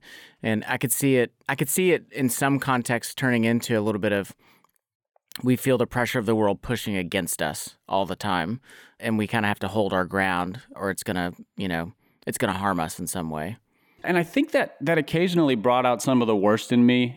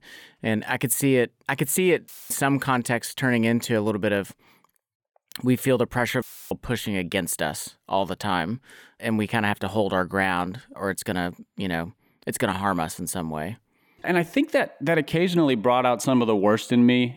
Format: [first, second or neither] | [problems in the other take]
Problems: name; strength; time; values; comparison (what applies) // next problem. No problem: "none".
first | audio cutting out; filled with static; at 2 s and at 6 s